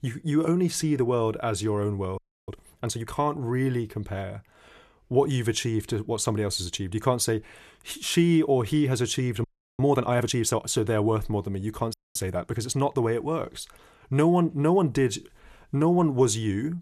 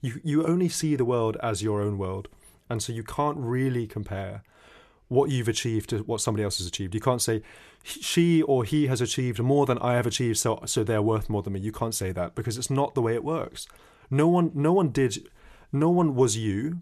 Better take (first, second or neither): second